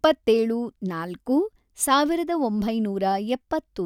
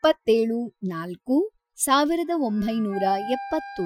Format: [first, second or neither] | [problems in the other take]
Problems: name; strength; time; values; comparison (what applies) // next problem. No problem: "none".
first | noise reduction (classical method Wiener filter)